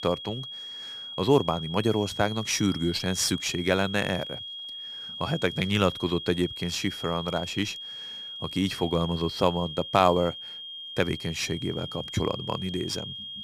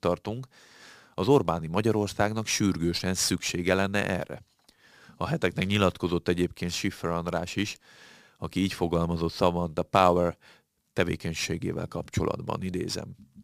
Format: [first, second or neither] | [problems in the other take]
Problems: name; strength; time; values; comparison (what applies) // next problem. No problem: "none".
second | high-pitched whine; loud; throughout; 3.5 kHz, 8 dB below the speech